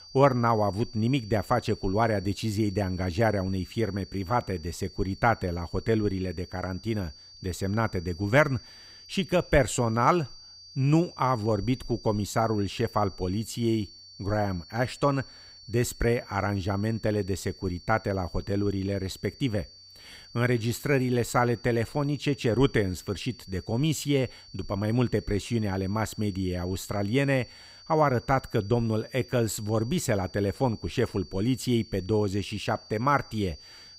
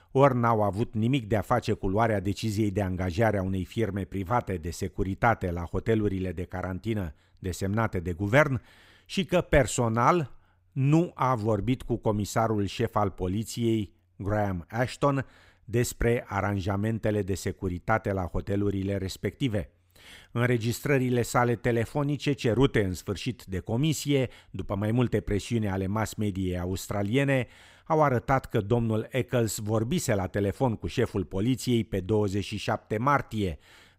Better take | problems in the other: second | high-pitched whine; noticeable; throughout; 4.5 kHz, 20 dB below the speech

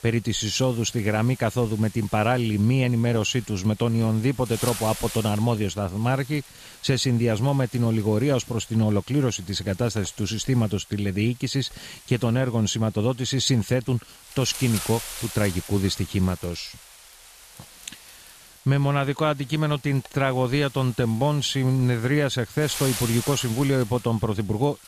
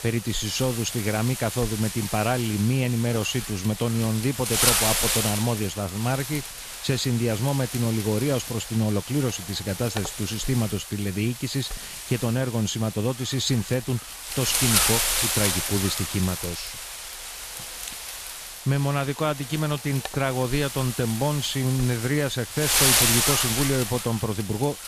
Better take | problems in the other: first | wind noise on the microphone; heavy; 1 dB above the speech; occasional gusts in the first

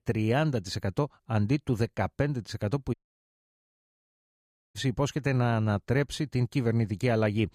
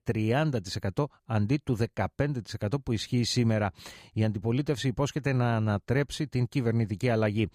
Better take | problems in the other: second | audio cutting out; at 3 s for 2 s

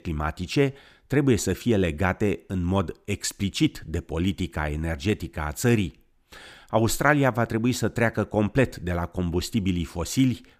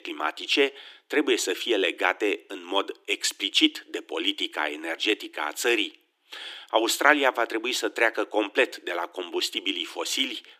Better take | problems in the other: first | thin; somewhat; fading below 300 Hz

